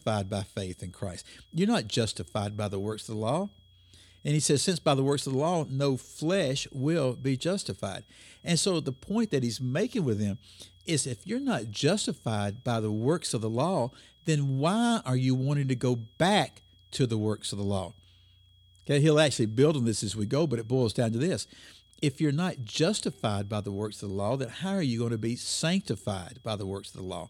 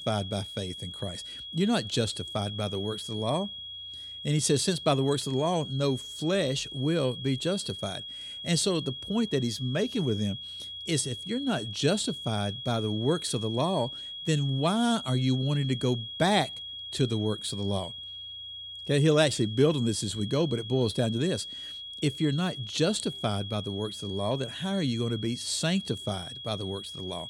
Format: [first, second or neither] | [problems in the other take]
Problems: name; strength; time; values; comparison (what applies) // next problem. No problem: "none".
first | high-pitched whine; loud; throughout; 3.5 kHz, 9 dB below the speech; faint in the first